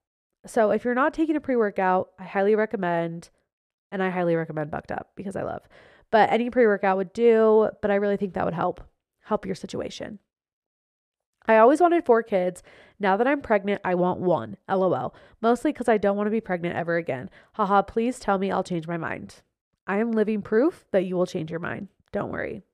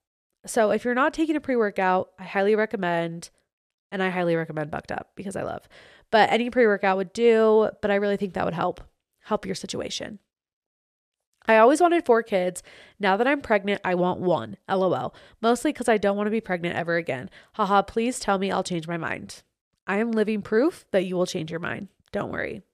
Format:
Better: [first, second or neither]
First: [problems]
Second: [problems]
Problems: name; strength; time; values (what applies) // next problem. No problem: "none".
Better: second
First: muffled; slightly; fading above 2 kHz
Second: none